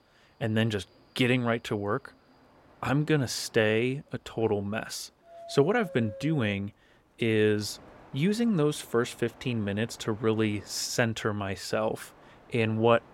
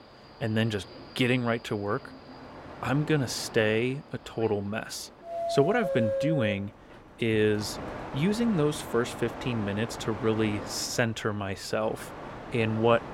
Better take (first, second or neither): first